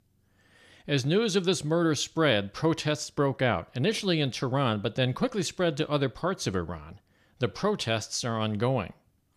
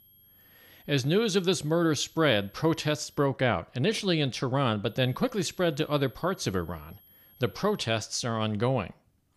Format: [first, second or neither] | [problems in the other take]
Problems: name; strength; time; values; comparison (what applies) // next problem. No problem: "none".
first | high-pitched whine; faint; until 3 s and from 5 to 8 s; 11.5 kHz, 30 dB below the speech